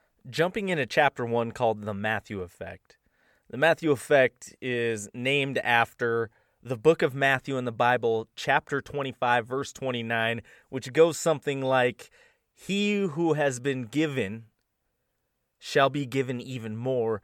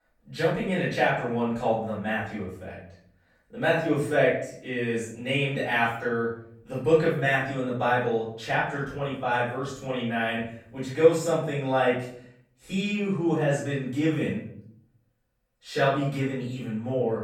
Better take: first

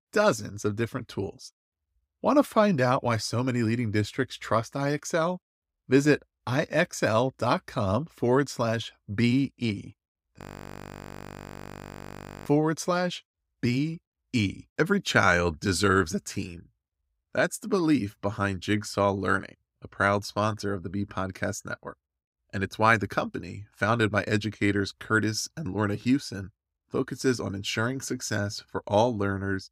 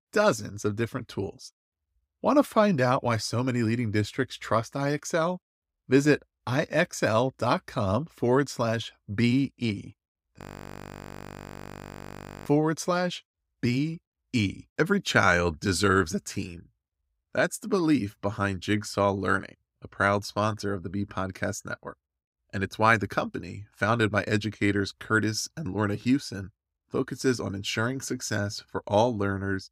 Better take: neither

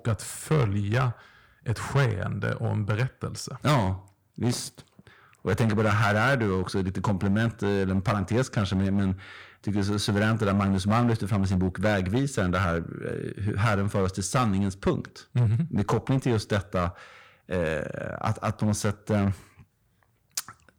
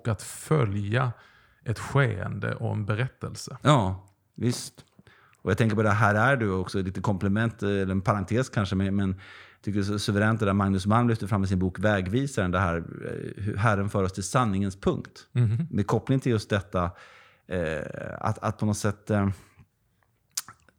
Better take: second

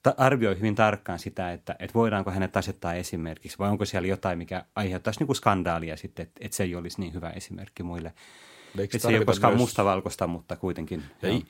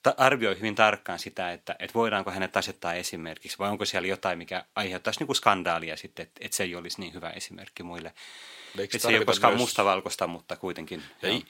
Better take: first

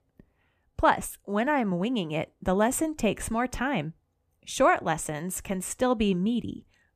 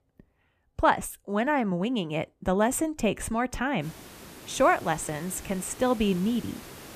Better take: first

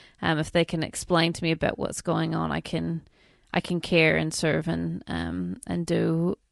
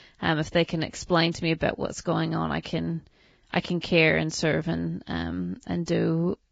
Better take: first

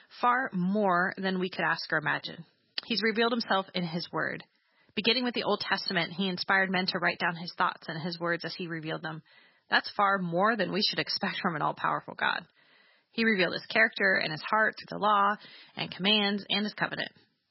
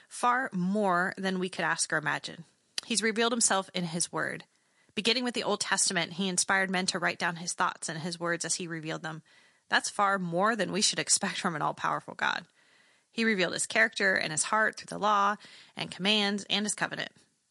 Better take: second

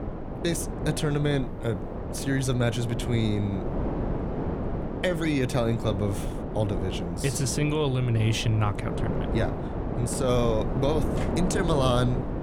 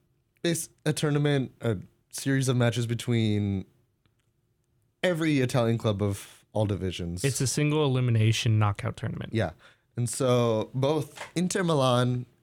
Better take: second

